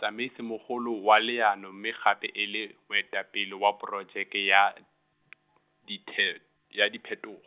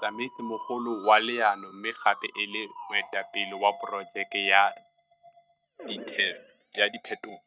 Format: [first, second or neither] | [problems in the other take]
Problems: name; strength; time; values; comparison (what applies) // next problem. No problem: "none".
first | noise reduction (neural mask model RNNoise)